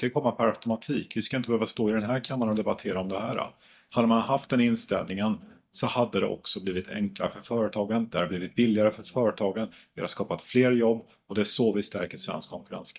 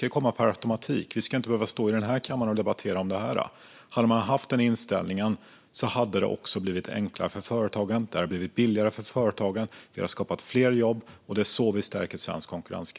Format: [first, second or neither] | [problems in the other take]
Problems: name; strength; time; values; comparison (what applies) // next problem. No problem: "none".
second | noise reduction (neural mask model DeepFilterNet 3)